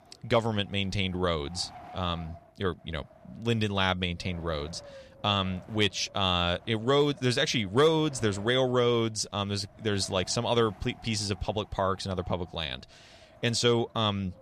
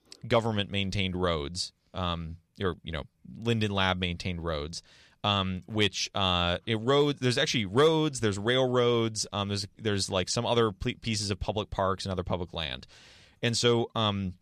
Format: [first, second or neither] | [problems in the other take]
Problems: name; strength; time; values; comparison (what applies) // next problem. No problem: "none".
second | wind noise on the microphone; occasional gusts; 20 dB below the speech